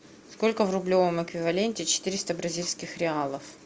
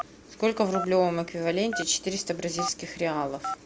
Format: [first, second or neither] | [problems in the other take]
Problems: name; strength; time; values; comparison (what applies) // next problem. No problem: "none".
first | background sound (Telephone); 11 dB below the speech